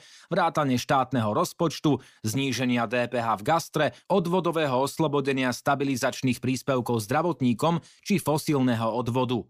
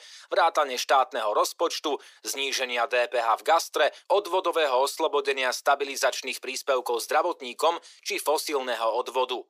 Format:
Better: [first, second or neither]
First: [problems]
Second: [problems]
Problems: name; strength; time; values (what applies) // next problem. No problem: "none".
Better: first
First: none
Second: thin; very; fading below 400 Hz